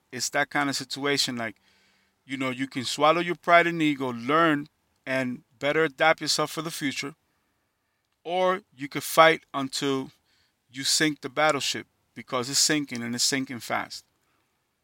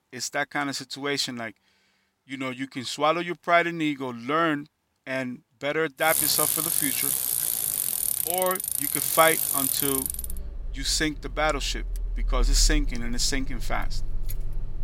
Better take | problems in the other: first | traffic noise; very loud; from 6 s on; 2 dB above the speech

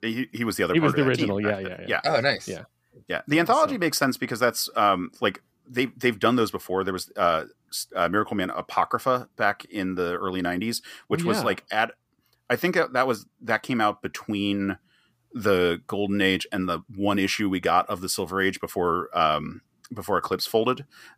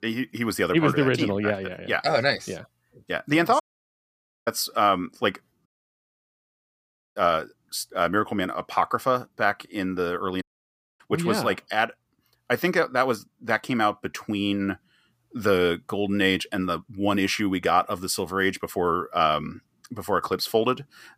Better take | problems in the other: first | audio cutting out; at 3.5 s for 1 s, at 5.5 s for 1.5 s and at 10 s for 0.5 s

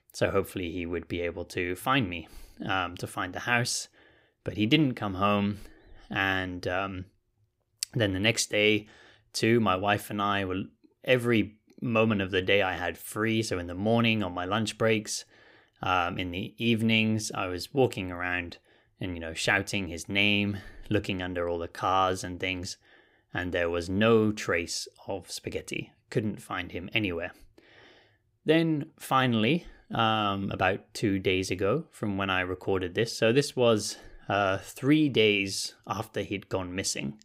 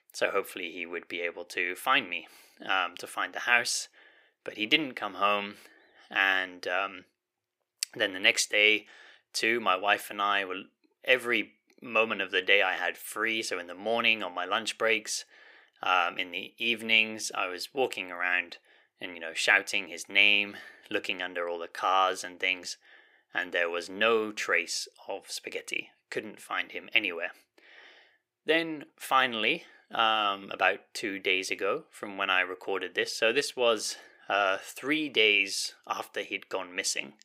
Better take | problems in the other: first | thin; somewhat; fading below 500 Hz

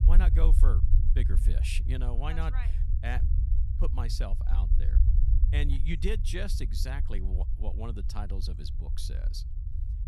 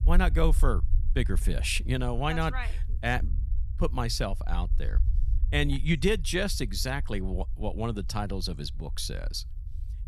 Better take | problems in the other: second | low rumble; loud; throughout; 8 dB below the speech; faint in the second

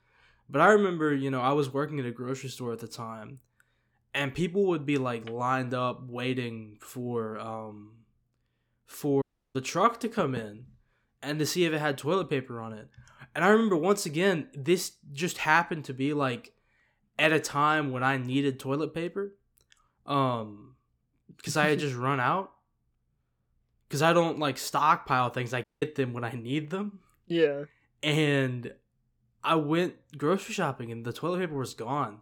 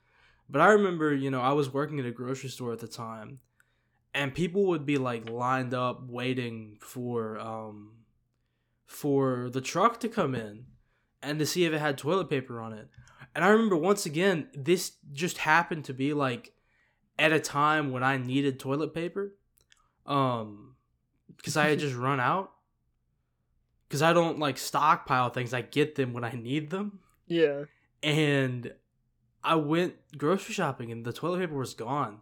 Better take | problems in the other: second | audio cutting out; at 9 s and at 26 s

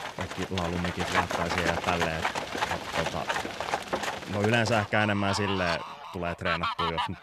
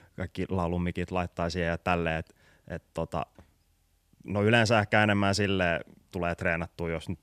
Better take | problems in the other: second | animal sounds; loud; throughout; 1 dB below the speech

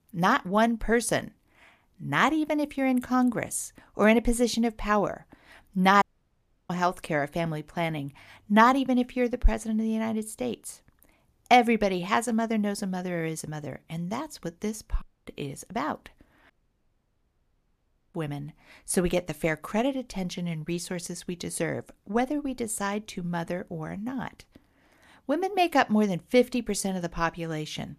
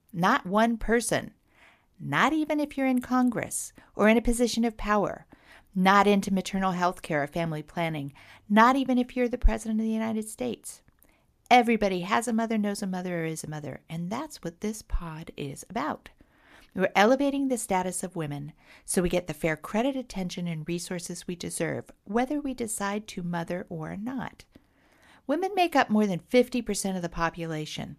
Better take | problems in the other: second | audio cutting out; at 6 s for 0.5 s, at 15 s and at 17 s for 1.5 s

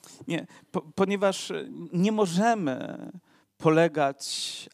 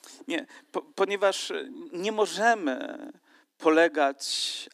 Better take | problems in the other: first | thin; somewhat; fading below 250 Hz

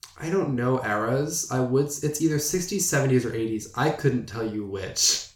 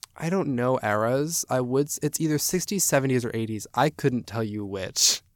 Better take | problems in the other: second | room echo; slight; dies away in 0.4 s // off-mic speech; somewhat distant

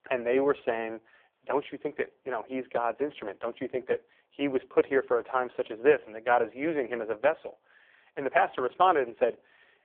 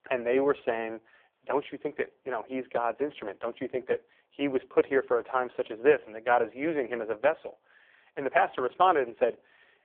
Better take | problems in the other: neither | phone-call audio; poor line; the same in both

